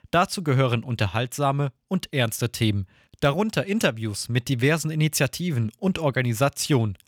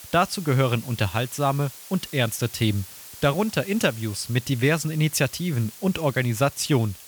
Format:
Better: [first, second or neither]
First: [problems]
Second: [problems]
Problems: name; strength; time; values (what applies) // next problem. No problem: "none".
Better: first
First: none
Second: hiss; noticeable; throughout; 15 dB below the speech